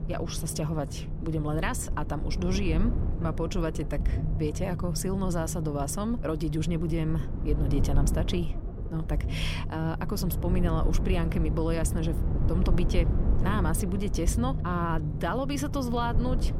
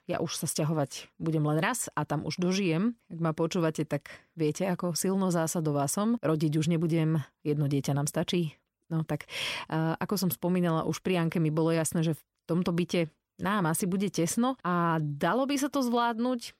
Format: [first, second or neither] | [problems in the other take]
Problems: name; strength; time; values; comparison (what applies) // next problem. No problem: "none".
second | low rumble; loud; throughout; 9 dB below the speech